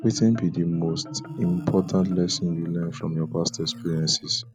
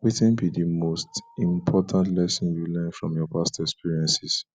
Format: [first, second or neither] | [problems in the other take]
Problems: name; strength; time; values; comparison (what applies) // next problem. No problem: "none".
second | background sound (Marimba, xylophone); 13 dB below the speech